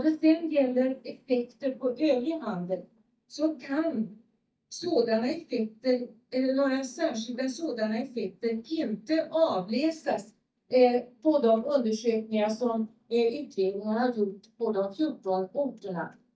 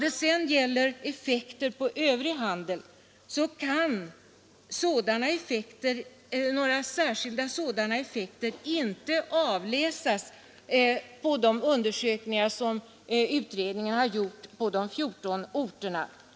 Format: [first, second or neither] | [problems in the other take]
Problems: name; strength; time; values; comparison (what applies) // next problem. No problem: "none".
second | noise reduction (neural mask model DeepFilterNet 3)